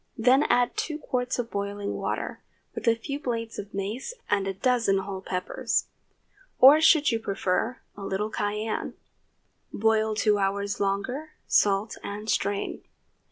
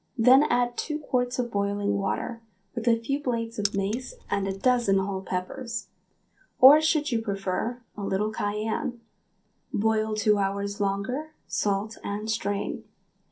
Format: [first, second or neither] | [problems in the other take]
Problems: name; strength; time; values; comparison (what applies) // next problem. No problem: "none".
first | background sound (Keys jangling); 13 dB below the speech // room echo; dies away in 0.3 s